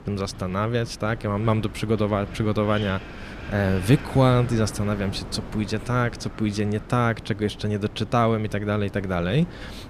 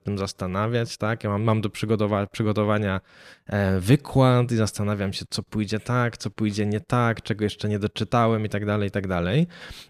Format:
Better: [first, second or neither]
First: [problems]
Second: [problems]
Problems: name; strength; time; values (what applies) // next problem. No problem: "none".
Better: second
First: wind noise on the microphone; occasional gusts; 15 dB below the speech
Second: none